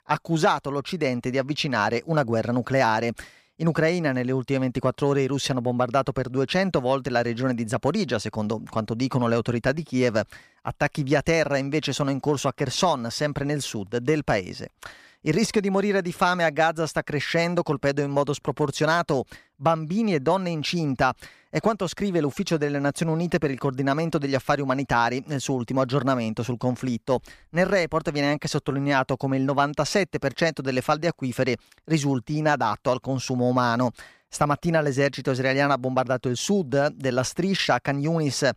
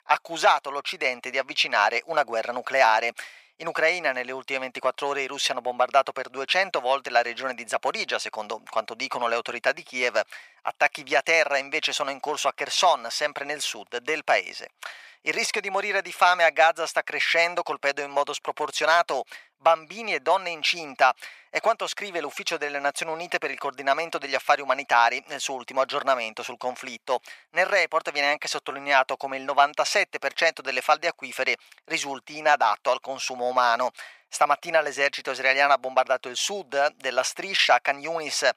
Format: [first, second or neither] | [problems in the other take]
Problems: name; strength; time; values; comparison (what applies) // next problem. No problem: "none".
first | thin; very; fading below 800 Hz